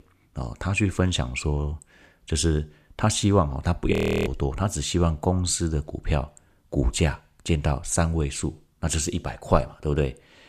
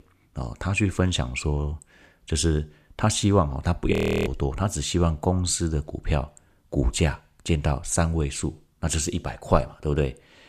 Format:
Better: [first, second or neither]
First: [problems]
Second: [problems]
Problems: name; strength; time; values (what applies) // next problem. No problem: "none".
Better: neither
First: audio freezing; at 4 s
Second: audio freezing; at 4 s